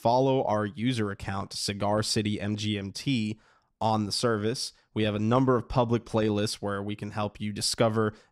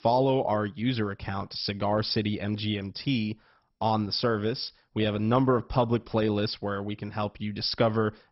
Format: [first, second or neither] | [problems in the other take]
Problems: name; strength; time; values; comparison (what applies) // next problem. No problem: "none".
first | garbled, watery; badly; nothing above 5.5 kHz